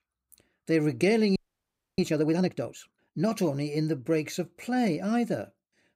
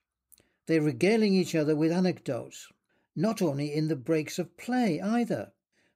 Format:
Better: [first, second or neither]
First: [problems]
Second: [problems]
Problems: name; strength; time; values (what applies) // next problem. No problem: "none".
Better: second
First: audio freezing; at 1.5 s for 0.5 s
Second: none